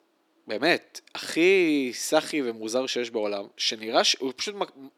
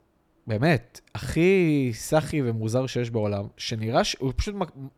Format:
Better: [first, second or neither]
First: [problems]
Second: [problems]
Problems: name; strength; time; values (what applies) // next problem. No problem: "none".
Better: second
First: thin; somewhat; fading below 300 Hz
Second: none